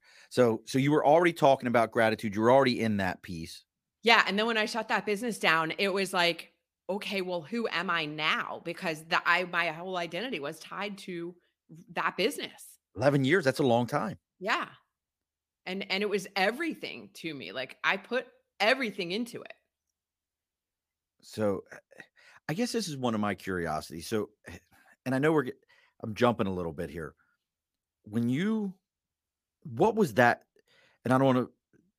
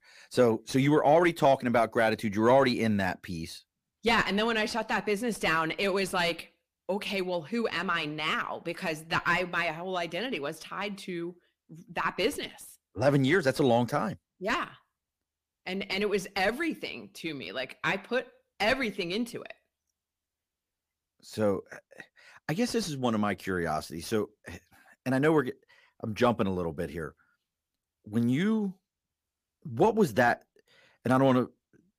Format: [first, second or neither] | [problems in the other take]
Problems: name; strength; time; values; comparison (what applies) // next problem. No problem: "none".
first | distortion; slight; 10 dB below the speech